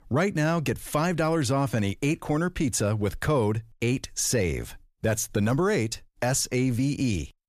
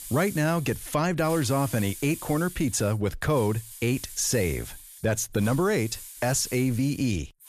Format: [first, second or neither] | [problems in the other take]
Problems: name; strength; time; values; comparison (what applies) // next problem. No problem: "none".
first | hiss; noticeable; throughout; 15 dB below the speech